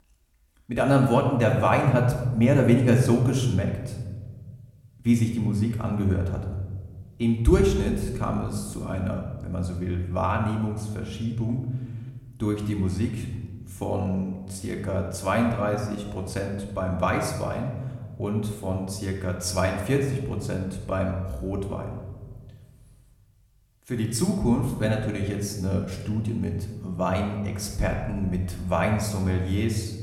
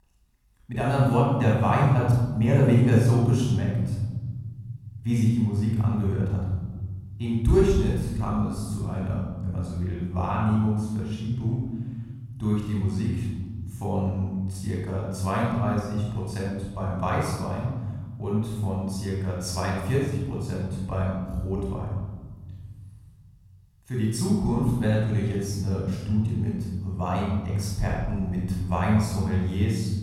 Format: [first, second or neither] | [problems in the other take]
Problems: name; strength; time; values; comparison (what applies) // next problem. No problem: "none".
first | room echo; strong; dies away in 2.3 s; slight in the first // off-mic speech; far; somewhat distant in the first